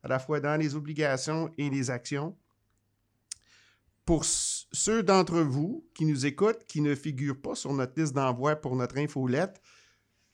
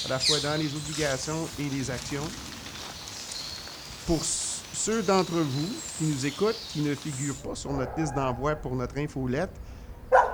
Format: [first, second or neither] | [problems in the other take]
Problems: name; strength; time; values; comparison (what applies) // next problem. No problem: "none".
first | animal sounds; loud; throughout; 4 dB below the speech